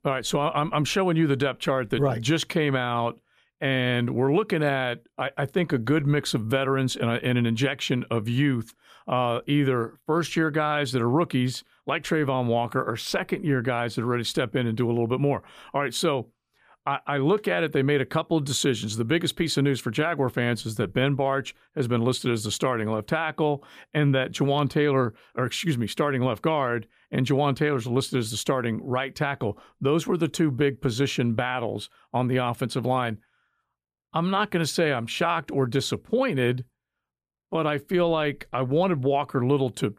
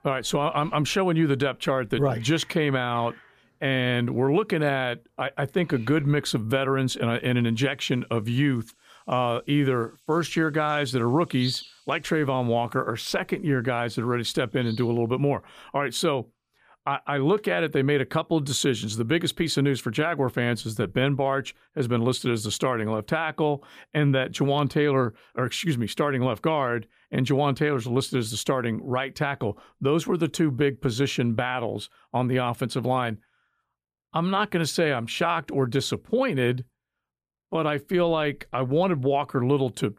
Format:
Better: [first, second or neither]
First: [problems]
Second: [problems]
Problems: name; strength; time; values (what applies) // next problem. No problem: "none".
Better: first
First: none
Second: animal sounds; noticeable; until 15 s; 15 dB below the speech